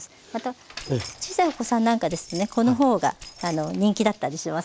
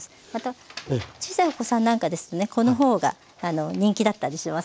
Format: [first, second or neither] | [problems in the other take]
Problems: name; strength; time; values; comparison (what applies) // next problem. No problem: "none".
second | background sound (Keys jangling); 20 dB below the speech